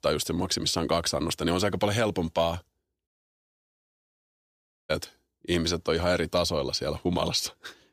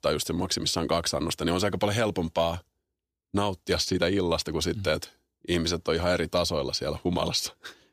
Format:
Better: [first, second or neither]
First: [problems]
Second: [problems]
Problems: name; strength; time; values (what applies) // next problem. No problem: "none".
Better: second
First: audio cutting out; at 3 s for 2 s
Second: none